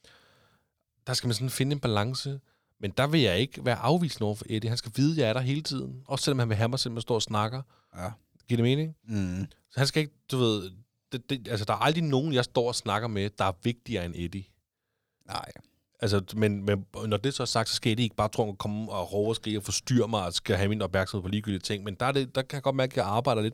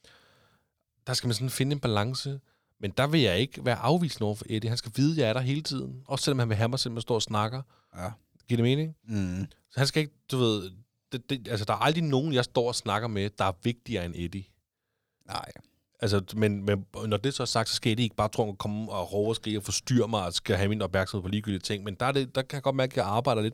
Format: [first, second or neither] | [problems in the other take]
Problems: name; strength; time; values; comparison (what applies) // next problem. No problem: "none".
neither | none